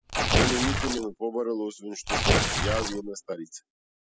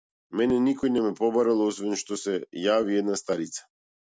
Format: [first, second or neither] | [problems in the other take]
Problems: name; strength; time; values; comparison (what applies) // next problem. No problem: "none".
second | noise reduction (classical method spectral subtraction)